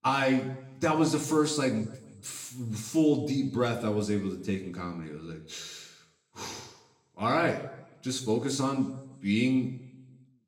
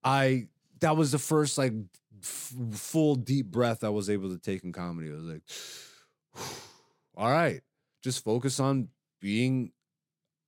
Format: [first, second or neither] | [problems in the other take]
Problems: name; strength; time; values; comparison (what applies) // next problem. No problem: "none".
second | room echo; slight; dies away in 0.8 s // off-mic speech; somewhat distant